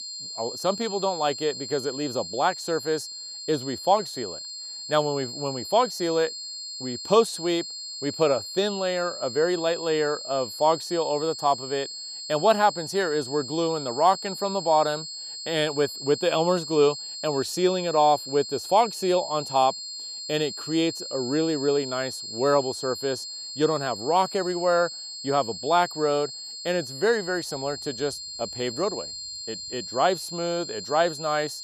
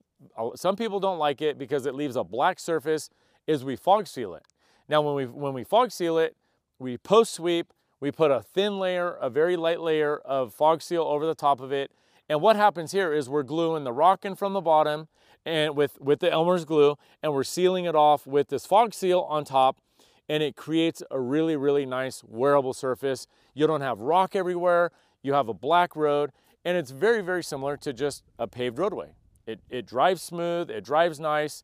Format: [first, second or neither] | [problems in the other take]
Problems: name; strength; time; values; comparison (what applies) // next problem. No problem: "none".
second | high-pitched whine; loud; throughout; 4.5 kHz, 8 dB below the speech